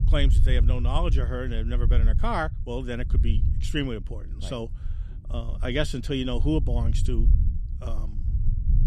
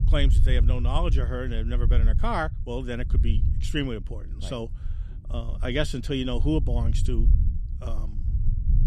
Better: neither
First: low rumble; noticeable; throughout; 15 dB below the speech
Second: low rumble; noticeable; throughout; 15 dB below the speech

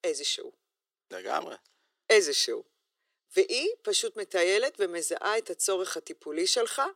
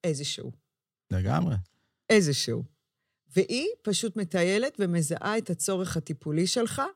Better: second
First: thin; very; fading below 350 Hz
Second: none

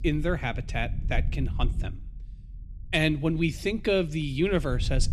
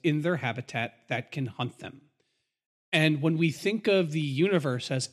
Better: second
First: low rumble; faint; throughout; 20 dB below the speech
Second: none

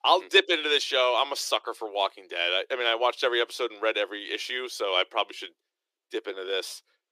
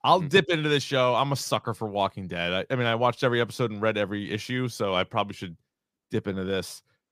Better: second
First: thin; very; fading below 350 Hz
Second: none

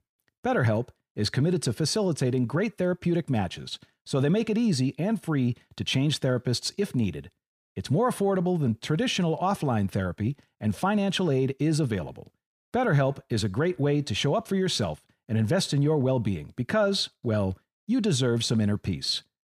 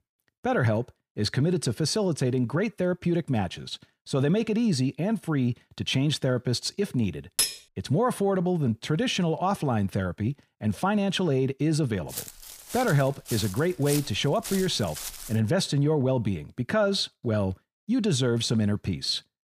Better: first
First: none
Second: clattering dishes; loud; at 7.5 s; peak 1 dB above the speech // footsteps; noticeable; from 12 to 15 s; peak 7 dB below the speech

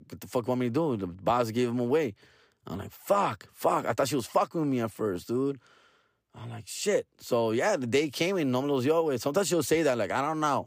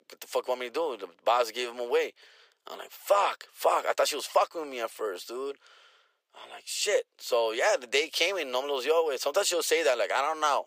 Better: first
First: none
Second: thin; very; fading below 500 Hz

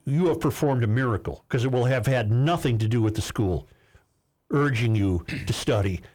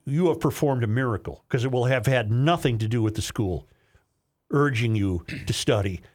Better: second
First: distortion; slight; 10 dB below the speech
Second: none

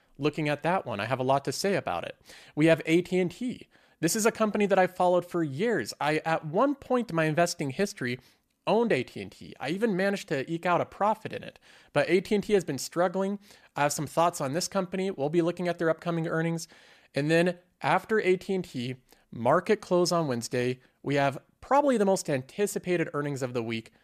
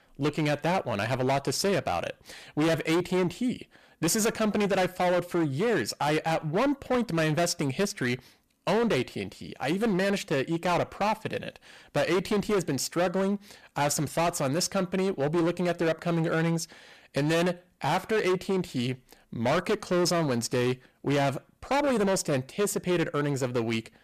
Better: first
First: none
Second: distortion; heavy; 17% of the sound clipped

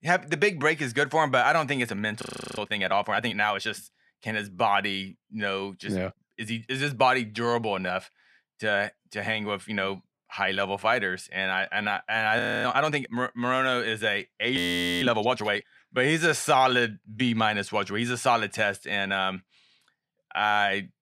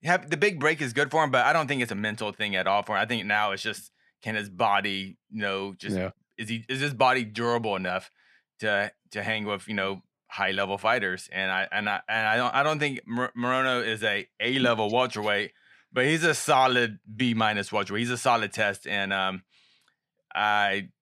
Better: second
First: audio freezing; at 2 s, at 12 s and at 15 s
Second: none

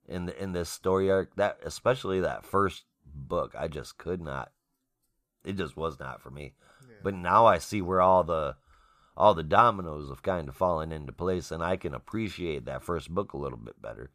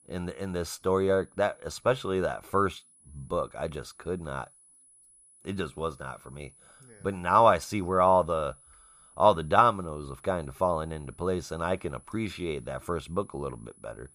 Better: first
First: none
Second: high-pitched whine; faint; throughout; 10 kHz, 25 dB below the speech

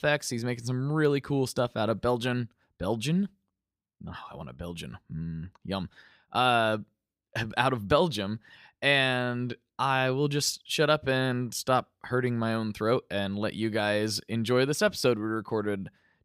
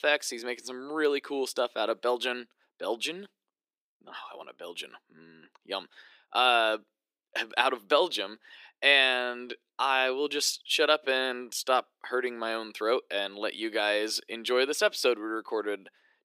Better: first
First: none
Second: thin; somewhat; fading below 300 Hz

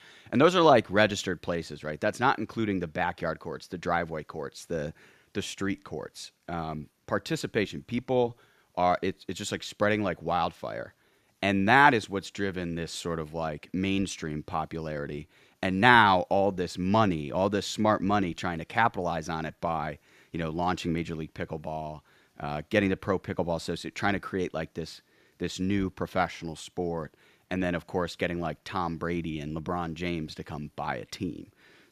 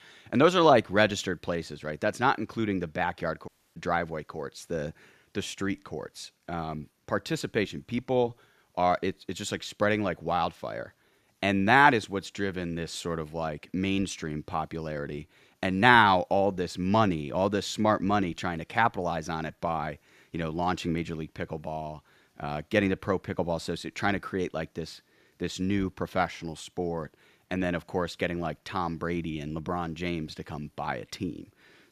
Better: first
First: none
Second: audio cutting out; at 3.5 s

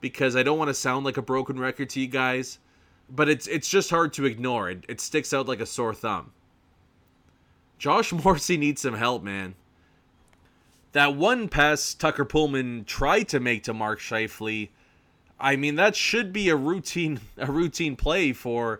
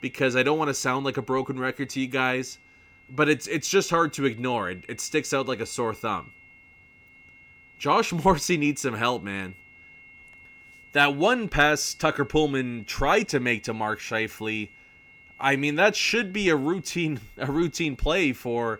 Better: first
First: none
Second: high-pitched whine; faint; throughout; 2 kHz, 25 dB below the speech

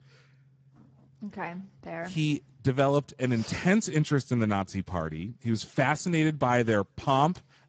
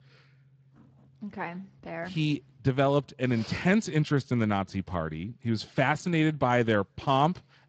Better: second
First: garbled, watery; badly; nothing above 7.5 kHz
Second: garbled, watery; slightly; nothing above 7.5 kHz

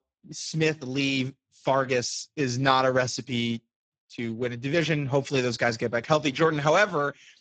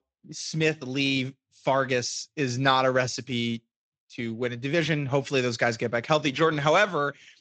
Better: second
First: garbled, watery; badly; nothing above 7.5 kHz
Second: garbled, watery; slightly

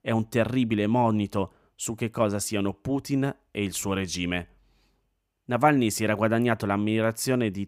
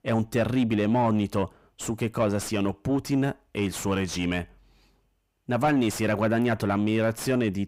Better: first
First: none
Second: distortion; slight; 10 dB below the speech

